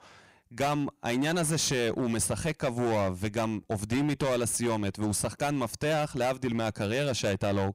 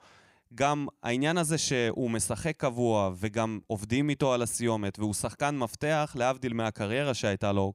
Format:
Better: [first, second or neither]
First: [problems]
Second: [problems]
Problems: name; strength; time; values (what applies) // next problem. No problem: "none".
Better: second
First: distortion; heavy; 16% of the sound clipped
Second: none